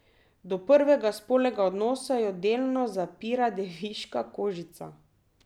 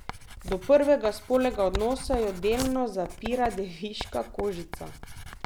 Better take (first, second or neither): first